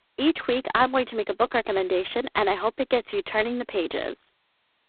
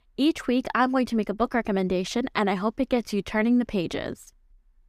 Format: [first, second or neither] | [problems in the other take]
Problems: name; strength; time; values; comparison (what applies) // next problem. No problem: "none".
second | phone-call audio; poor line; nothing above 4 kHz